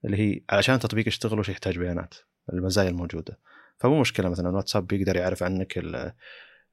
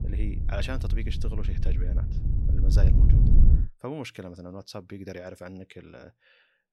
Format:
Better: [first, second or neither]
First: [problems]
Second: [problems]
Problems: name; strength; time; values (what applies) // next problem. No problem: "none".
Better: first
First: none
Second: wind noise on the microphone; heavy; until 3.5 s; 2 dB below the speech